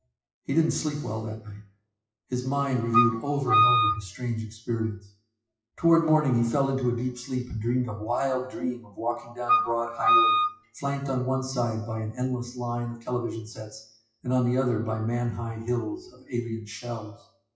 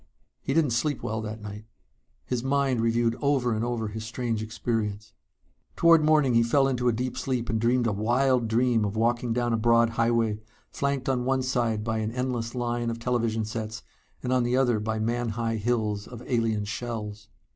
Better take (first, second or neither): second